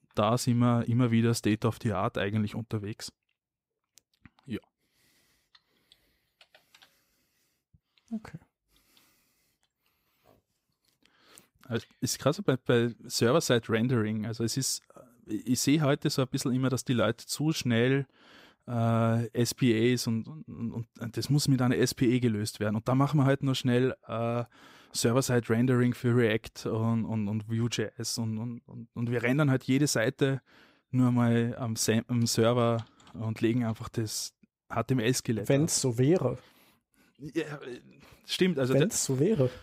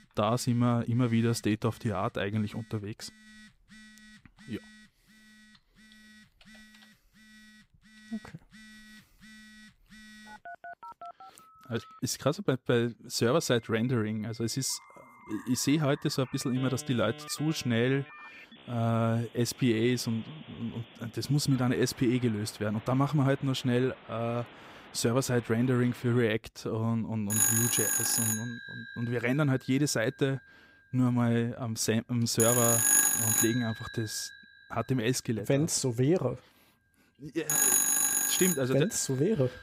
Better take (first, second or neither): first